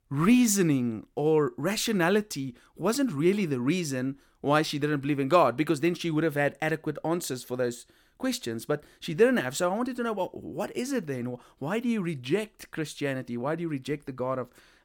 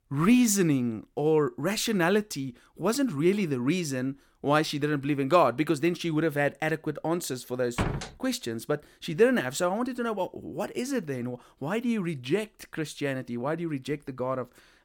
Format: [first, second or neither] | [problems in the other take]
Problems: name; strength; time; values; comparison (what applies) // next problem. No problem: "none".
first | door banging; noticeable; at 8 s; peak 3 dB below the speech